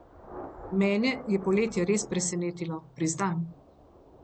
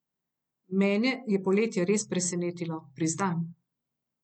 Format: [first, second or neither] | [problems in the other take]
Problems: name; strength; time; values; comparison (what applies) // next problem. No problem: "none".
second | background sound (Thunder / Rain); 17 dB below the speech